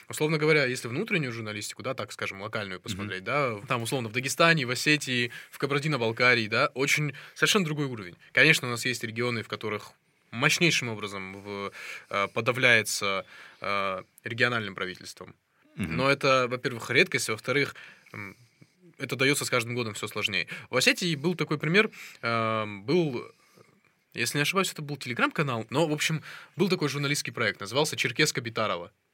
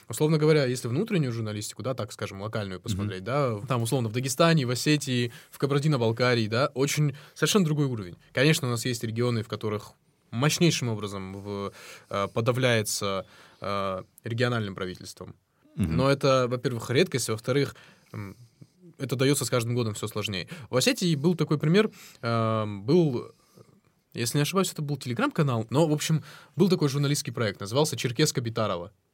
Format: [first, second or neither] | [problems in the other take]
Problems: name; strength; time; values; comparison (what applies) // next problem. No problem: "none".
second | thin; very slightly; fading below 350 Hz